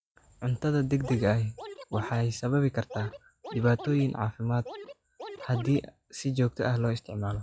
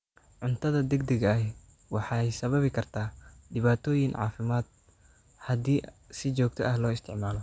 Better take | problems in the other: second | noise reduction (classical method log-MMSE)

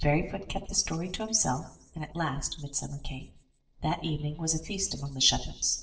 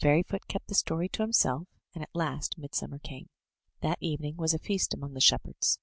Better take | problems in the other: second | noise reduction (neural separator model SepFormer DNS4)

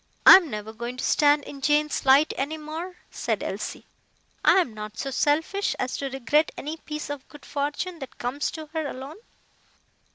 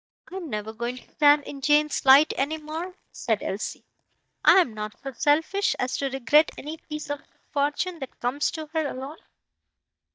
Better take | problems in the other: first | noise reduction (neural mask model DeepFilterNet 3)

